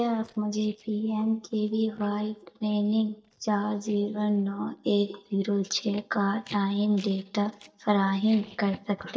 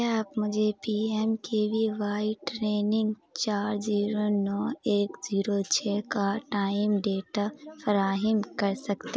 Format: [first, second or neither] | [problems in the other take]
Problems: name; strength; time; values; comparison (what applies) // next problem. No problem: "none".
second | noise reduction (neural mask model DeepFilterNet 3)